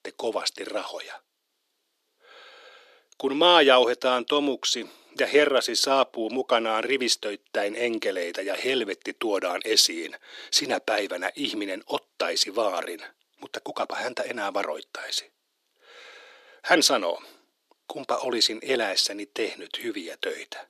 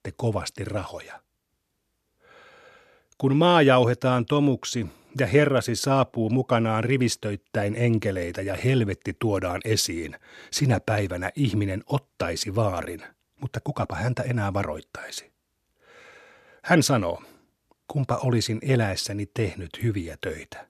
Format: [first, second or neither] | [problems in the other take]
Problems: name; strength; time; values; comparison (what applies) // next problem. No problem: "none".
second | thin; somewhat; fading below 350 Hz